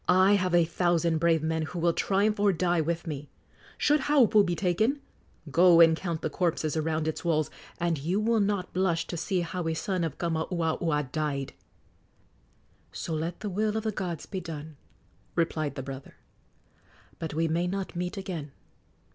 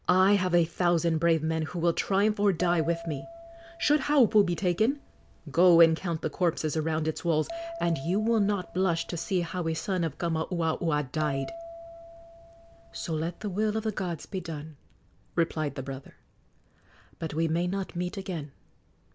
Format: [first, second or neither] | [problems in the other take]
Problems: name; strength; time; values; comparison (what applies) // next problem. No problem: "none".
first | background sound (Bell); 15 dB below the speech